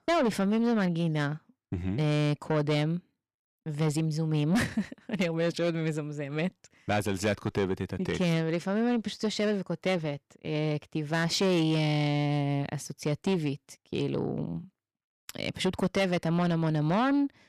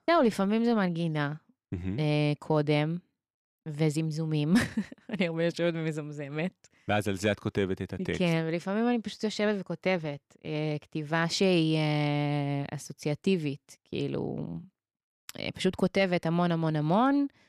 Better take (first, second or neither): second